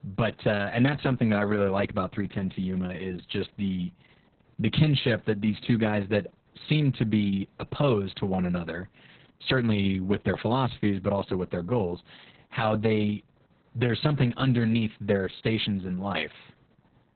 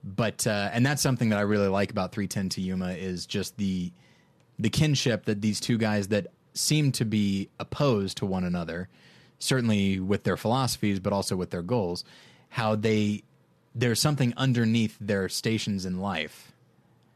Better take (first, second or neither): second